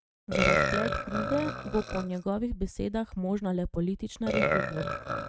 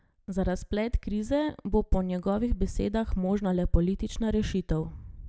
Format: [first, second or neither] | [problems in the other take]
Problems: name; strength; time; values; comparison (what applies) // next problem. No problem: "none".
second | noise reduction (neural mask model RNNoise)